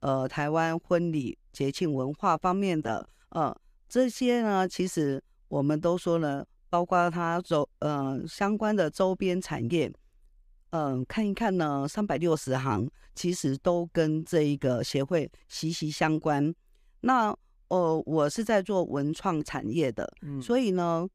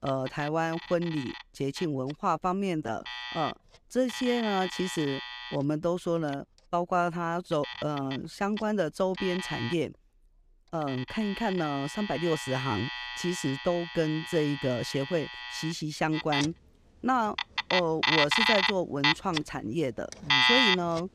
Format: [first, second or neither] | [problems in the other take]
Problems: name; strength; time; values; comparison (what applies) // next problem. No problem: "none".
first | alarms or sirens; very loud; throughout; as loud as the speech